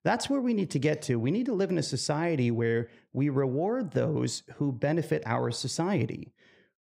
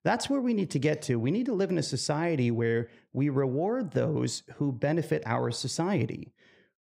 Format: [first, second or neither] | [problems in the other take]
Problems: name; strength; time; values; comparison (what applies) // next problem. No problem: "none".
neither | none